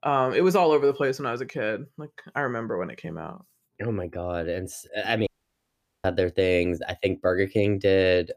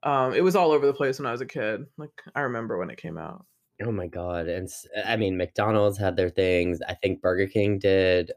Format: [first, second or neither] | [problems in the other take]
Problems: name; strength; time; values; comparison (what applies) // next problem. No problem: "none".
second | audio cutting out; at 5.5 s for 1 s